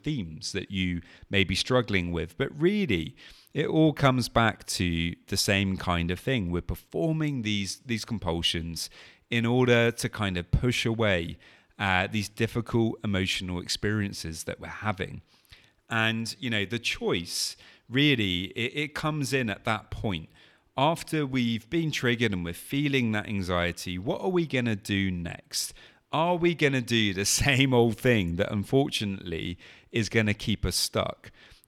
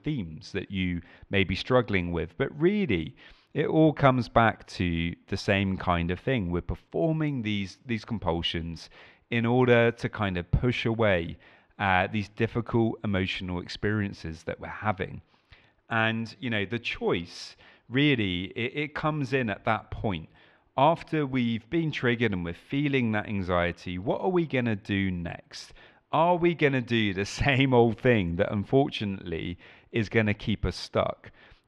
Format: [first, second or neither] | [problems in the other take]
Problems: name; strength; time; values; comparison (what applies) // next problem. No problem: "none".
first | muffled; slightly; fading above 3 kHz